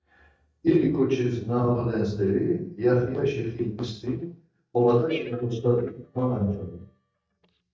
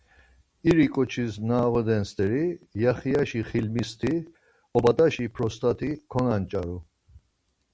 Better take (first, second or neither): second